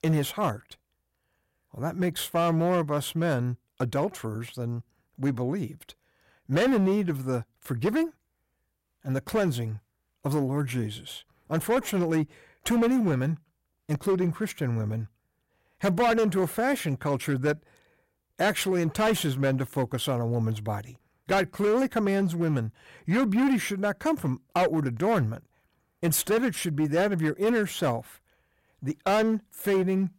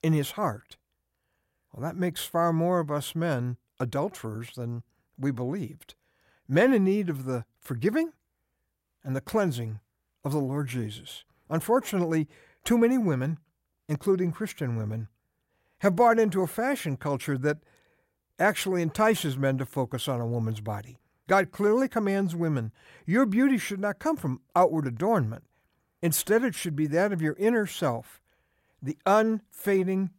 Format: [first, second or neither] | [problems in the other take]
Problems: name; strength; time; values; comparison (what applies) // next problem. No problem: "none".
second | distortion; slight; 7% of the sound clipped